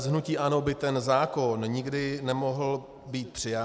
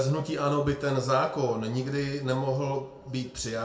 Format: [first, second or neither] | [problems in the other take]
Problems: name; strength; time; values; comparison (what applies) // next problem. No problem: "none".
first | room echo; dies away in 0.3 s